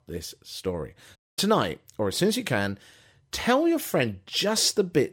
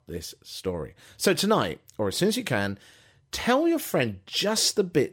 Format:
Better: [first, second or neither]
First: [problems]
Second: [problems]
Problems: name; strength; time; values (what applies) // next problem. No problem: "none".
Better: second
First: audio cutting out; at 1 s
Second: none